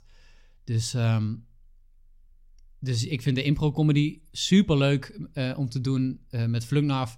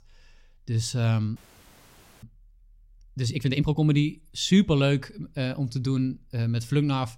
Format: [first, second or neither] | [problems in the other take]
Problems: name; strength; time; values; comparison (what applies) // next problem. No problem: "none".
first | audio freezing; at 1.5 s for 1 s